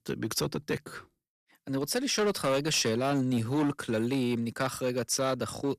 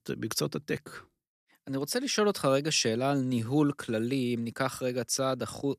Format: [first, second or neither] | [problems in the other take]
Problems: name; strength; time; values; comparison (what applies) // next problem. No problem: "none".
second | distortion; slight; 9% of the sound clipped